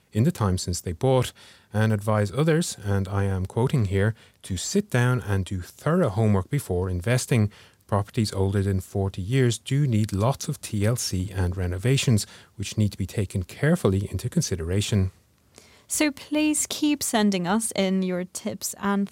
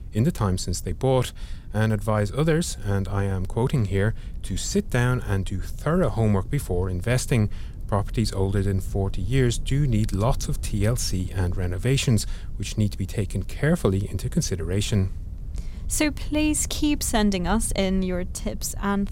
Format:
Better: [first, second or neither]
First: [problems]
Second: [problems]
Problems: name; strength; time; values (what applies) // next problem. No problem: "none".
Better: first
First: none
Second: low rumble; faint; throughout; 25 dB below the speech